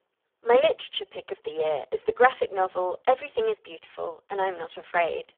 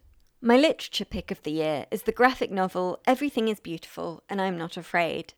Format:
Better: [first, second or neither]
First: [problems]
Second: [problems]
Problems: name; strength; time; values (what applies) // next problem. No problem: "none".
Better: second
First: phone-call audio; poor line; nothing above 3.5 kHz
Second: none